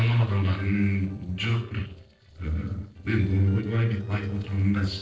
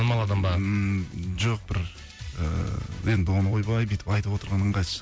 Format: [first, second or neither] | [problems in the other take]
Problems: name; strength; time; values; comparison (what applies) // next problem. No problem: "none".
second | noise reduction (neural separator model SepFormer DNS4)